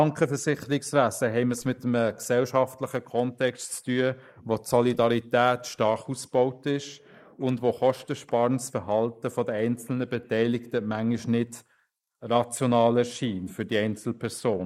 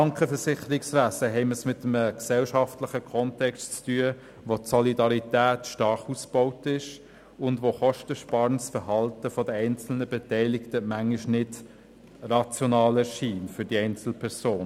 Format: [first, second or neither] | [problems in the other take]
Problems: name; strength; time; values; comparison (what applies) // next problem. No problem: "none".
second | noise reduction (neural mask model Resemble Enhance denoiser)